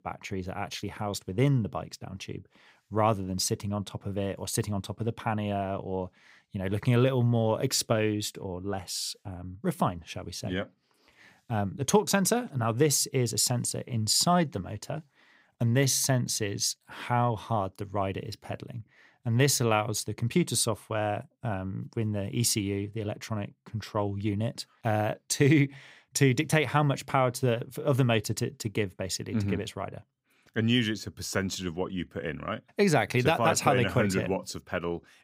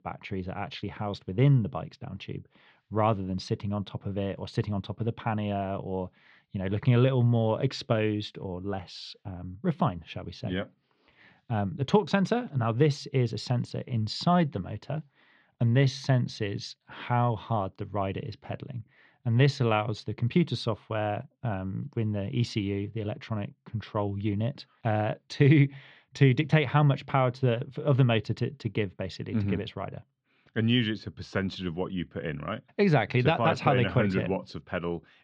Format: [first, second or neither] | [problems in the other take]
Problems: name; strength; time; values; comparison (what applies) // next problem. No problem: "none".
first | muffled; slightly; fading above 3.5 kHz